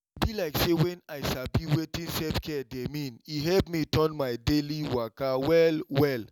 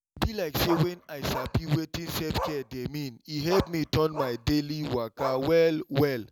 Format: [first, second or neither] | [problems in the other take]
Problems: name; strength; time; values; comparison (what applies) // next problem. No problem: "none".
first | background sound (Bark); 12 dB below the speech